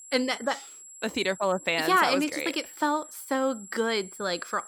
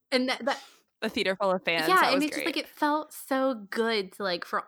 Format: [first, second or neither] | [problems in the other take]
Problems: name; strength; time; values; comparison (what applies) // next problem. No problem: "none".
second | high-pitched whine; noticeable; throughout; 7.5 kHz, 15 dB below the speech